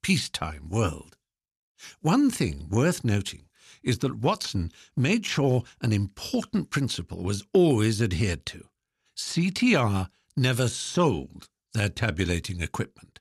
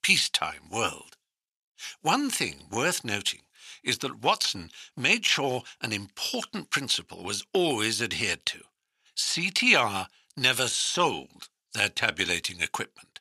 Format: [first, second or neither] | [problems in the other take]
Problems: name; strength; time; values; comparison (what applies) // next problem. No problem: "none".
first | thin; somewhat; fading below 1 kHz